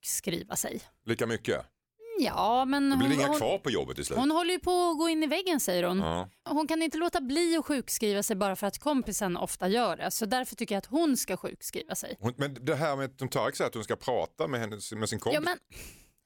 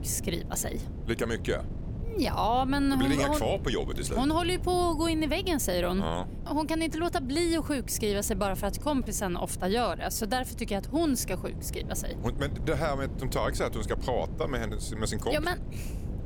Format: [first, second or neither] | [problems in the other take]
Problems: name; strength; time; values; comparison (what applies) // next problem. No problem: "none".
first | wind noise on the microphone; occasional gusts; 15 dB below the speech